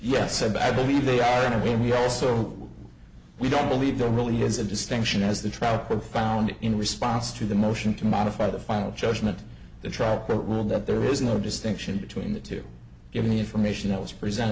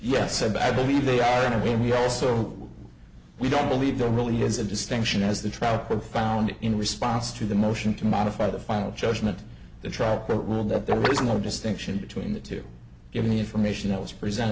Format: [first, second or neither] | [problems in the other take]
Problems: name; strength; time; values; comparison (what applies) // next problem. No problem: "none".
first | background sound (Guitar); 9 dB below the speech